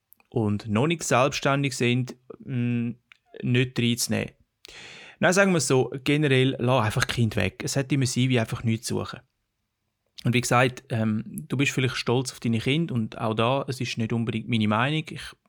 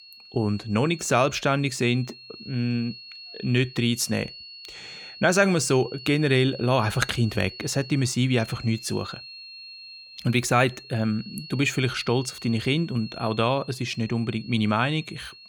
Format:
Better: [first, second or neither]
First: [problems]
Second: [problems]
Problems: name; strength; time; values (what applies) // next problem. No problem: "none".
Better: first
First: none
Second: high-pitched whine; noticeable; throughout; 4.5 kHz, 15 dB below the speech